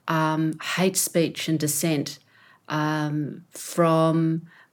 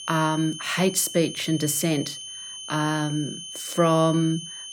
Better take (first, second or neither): first